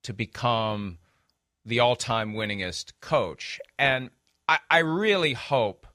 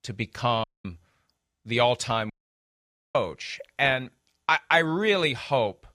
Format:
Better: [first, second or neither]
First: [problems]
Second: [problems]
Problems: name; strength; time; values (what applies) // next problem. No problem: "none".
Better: first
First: none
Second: audio cutting out; at 0.5 s and at 2.5 s for 1 s